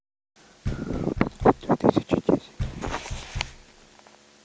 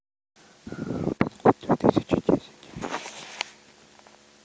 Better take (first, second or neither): second